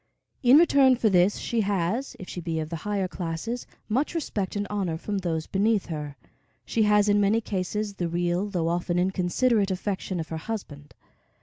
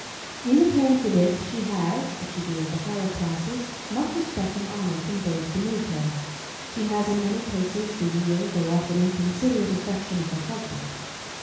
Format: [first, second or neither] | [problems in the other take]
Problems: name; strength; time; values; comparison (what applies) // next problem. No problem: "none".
first | background sound (Water); 11 dB below the speech // room echo; dies away in 1.1 s